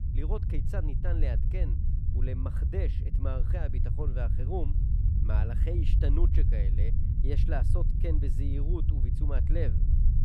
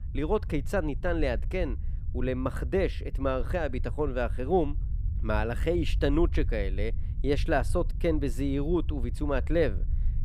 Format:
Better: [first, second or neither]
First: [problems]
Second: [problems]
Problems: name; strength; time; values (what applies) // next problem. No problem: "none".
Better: second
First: low rumble; loud; throughout; 4 dB below the speech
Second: low rumble; faint; throughout; 20 dB below the speech